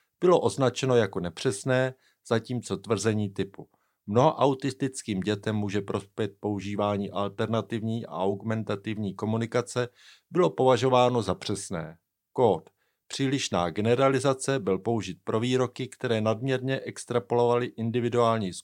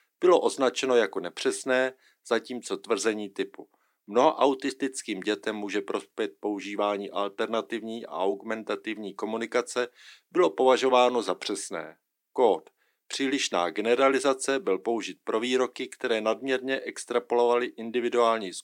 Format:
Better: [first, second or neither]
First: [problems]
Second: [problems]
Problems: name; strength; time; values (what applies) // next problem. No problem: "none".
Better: first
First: none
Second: thin; very slightly; fading below 300 Hz